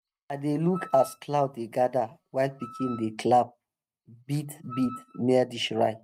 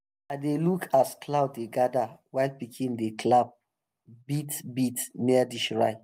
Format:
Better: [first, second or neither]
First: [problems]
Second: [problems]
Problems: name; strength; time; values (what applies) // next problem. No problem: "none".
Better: second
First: noise reduction (neural mask model RNNoise)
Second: none